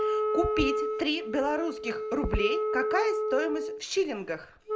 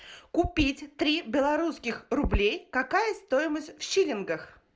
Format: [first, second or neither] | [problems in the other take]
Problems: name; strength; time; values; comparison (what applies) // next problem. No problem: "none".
second | background sound (Wind instrument, woodwind instrument); as loud as the speech